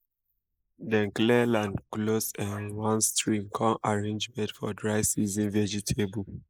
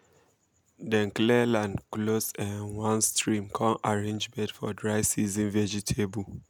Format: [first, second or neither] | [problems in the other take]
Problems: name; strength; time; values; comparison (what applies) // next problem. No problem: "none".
second | noise reduction (neural mask model Resemble Enhance denoiser)